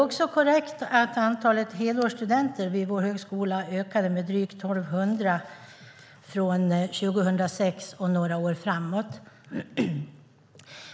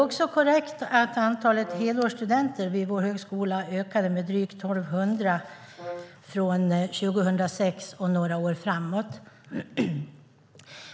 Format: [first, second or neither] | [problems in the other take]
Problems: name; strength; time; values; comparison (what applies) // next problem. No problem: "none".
first | background sound (Brass instrument); 16 dB below the speech